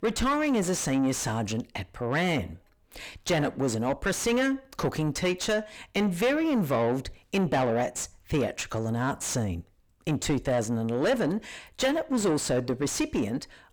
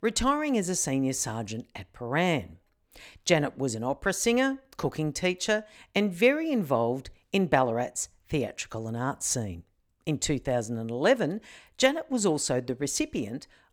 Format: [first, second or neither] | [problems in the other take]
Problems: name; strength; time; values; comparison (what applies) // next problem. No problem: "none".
second | distortion; heavy; 5 dB below the speech